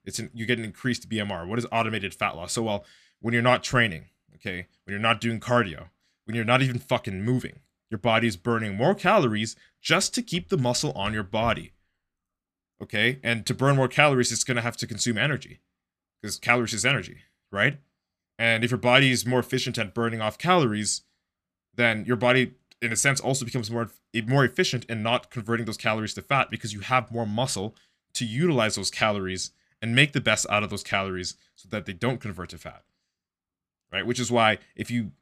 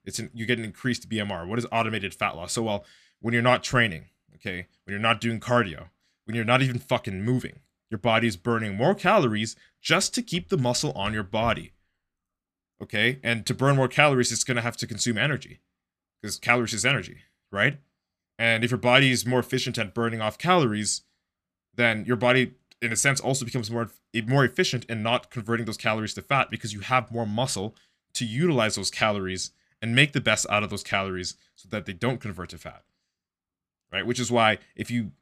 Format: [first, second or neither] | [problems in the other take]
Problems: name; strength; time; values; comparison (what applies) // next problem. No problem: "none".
neither | none